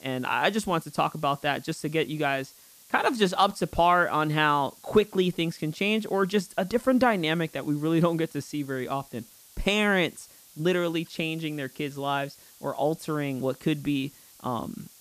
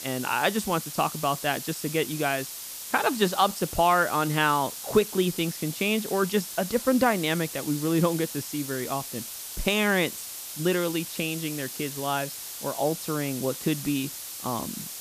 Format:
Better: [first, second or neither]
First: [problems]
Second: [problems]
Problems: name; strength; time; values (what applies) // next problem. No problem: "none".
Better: first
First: hiss; faint; throughout; 25 dB below the speech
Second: hiss; loud; throughout; 8 dB below the speech